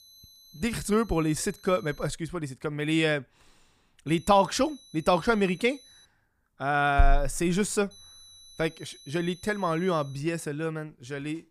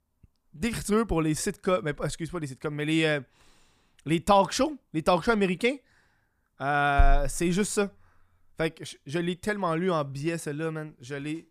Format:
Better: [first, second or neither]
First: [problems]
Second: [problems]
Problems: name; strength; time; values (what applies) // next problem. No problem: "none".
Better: second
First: high-pitched whine; faint; until 2 s, from 4 to 6 s and from 8 to 10 s; 4 kHz, 25 dB below the speech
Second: none